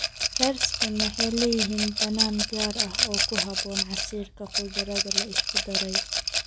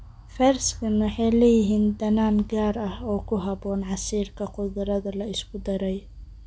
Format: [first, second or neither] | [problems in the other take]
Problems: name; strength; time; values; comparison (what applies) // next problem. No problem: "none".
second | background sound (Rattle / Glass); 3 dB above the speech